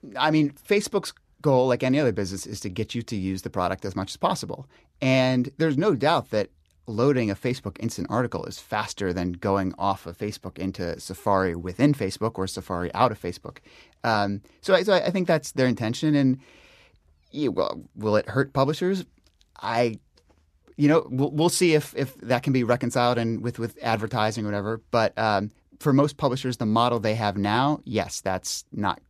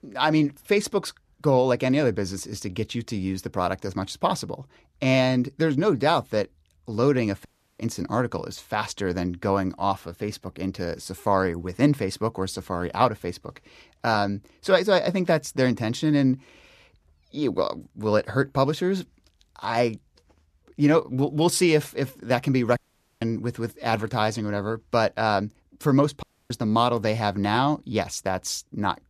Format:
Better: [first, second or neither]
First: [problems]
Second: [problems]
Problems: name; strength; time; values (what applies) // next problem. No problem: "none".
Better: first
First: none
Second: audio cutting out; at 7.5 s, at 23 s and at 26 s